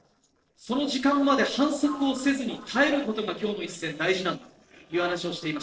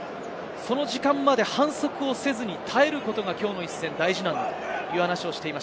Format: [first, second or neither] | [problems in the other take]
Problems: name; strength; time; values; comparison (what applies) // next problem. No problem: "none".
second | noise reduction (neural separator model SepFormer DNS4)